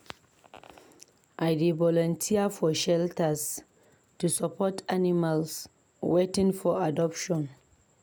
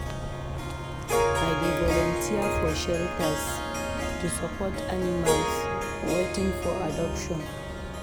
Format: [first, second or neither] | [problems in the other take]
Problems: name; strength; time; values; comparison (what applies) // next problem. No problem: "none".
first | background sound (Harp + Bus); 3 dB above the speech